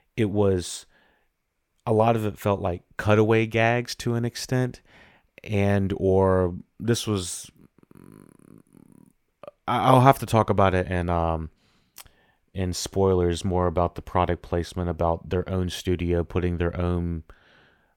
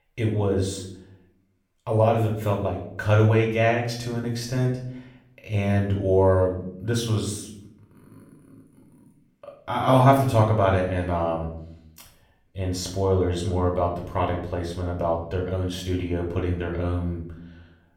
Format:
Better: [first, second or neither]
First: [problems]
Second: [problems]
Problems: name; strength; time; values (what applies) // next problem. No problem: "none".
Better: first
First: none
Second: off-mic speech; far // room echo; slight; dies away in 0.6 s